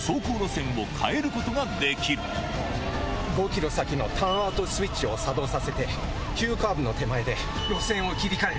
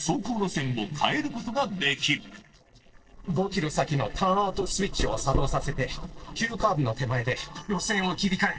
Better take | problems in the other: first | noise reduction (neural separator model SepFormer DNS4)

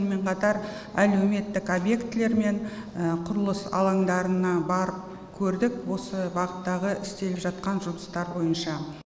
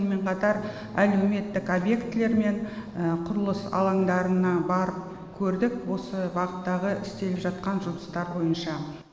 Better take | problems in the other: first | background sound (Bass guitar); 18 dB below the speech // room echo; dies away in 1.3 s

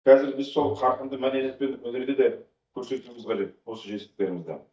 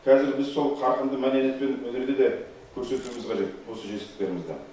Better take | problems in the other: second | noise reduction (neural mask model DeepFilterNet 3)

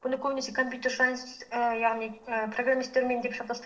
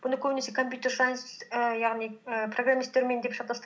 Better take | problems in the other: second | noise reduction (neural separator model SepFormer DNS4)

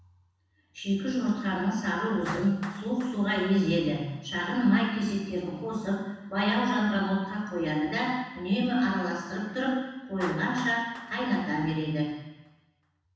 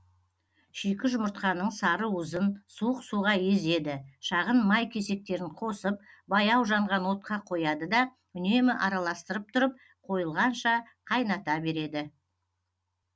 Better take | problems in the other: second | background sound (Clapping); 20 dB below the speech // room echo; dies away in 1.1 s

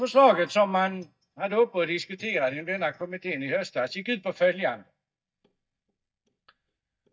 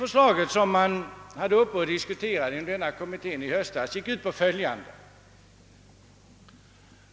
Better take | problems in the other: second | noise reduction (neural mask model DeepFilterNet 3)

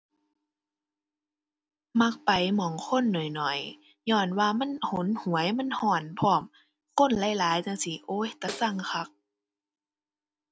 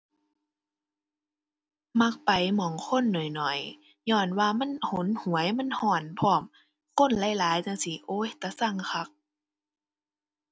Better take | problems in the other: second | background sound (Snare drum); 15 dB below the speech

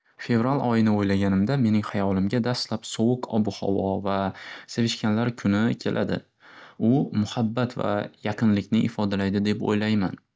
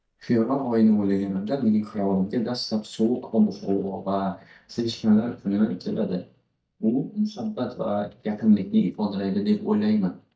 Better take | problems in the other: first | noise reduction (neural mask model DeepFilterNet 3)

